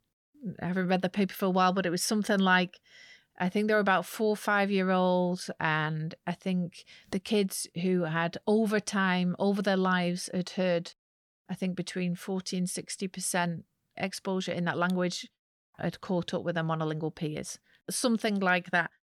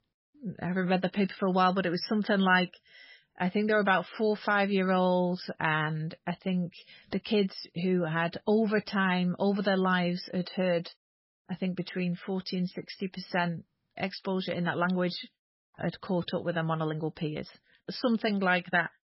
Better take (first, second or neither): first